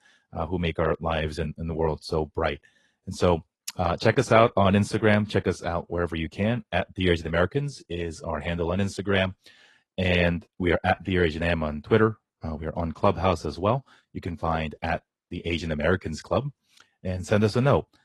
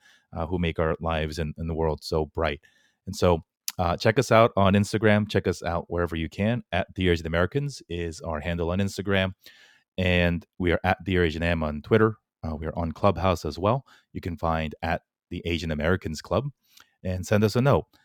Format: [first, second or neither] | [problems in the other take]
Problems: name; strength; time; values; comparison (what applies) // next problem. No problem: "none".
second | garbled, watery; slightly; nothing above 12 kHz